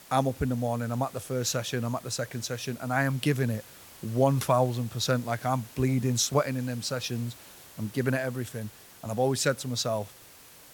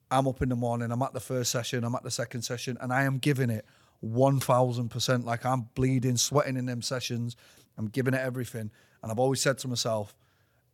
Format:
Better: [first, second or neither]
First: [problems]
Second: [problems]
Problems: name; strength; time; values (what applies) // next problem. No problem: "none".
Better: second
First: hiss; noticeable; throughout; 20 dB below the speech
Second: none